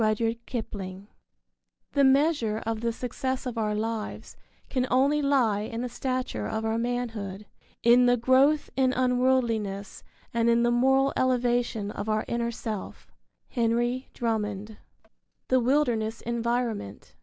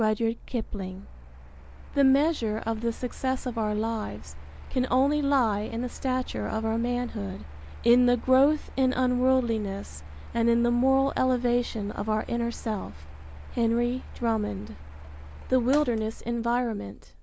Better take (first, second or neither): first